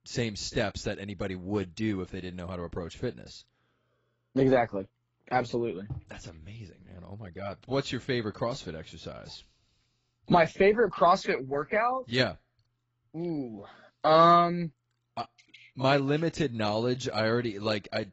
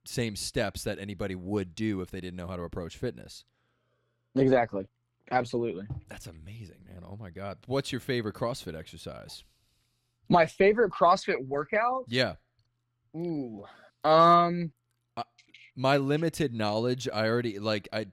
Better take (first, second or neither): second